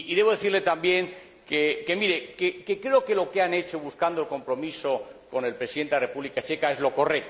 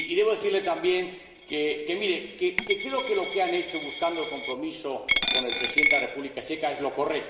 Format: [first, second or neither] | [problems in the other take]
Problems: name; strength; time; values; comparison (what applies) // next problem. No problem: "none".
first | background sound (Coin (dropping)); 3 dB below the speech // room echo; dies away in 1 s